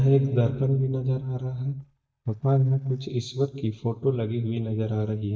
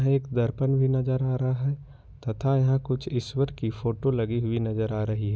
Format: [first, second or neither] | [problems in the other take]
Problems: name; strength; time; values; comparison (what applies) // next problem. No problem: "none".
second | noise reduction (neural mask model DeepFilterNet 3)